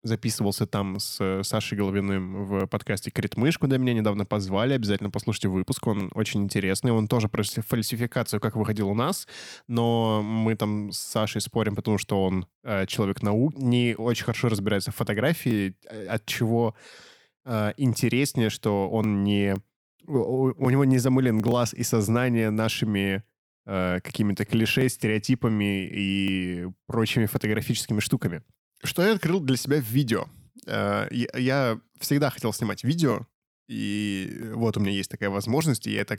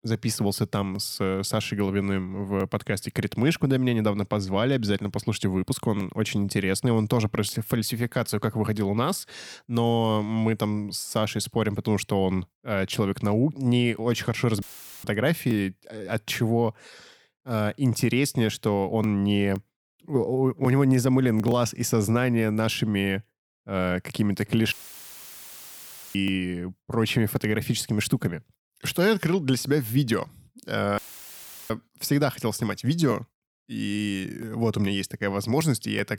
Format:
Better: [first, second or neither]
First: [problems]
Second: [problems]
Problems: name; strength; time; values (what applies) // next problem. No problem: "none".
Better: first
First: none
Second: audio cutting out; filled with static; at 15 s, at 25 s for 1.5 s and at 31 s for 0.5 s